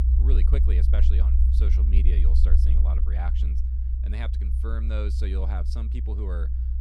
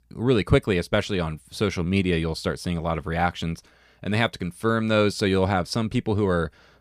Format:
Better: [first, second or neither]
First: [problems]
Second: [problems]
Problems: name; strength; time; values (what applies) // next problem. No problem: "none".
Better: second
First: low rumble; loud; throughout; 2 dB below the speech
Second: none